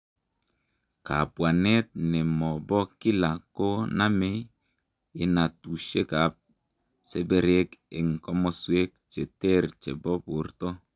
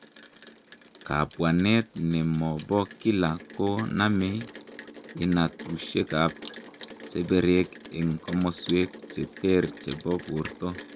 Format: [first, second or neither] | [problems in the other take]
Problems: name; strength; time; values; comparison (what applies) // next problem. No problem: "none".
first | background sound (Rain); 17 dB below the speech